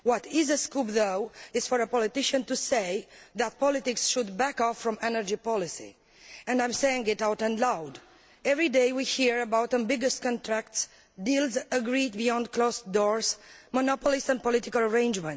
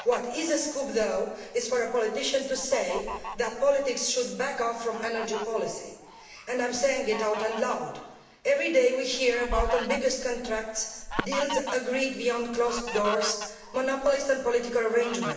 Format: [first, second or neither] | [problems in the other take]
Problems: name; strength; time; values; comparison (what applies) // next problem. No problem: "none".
first | background sound (Fowl); 11 dB below the speech // room echo; dies away in 1.1 s